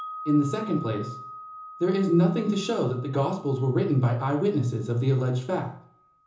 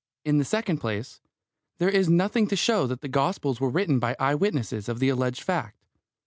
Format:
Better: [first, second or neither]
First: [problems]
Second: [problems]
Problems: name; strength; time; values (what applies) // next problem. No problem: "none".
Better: second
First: background sound (Wind chime); 17 dB below the speech // room echo; dies away in 0.6 s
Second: none